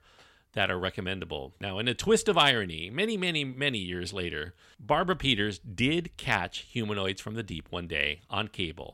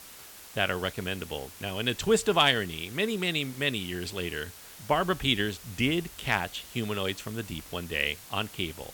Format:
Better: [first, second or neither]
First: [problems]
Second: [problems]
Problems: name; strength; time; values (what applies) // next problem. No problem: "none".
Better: first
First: none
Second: hiss; noticeable; throughout; 15 dB below the speech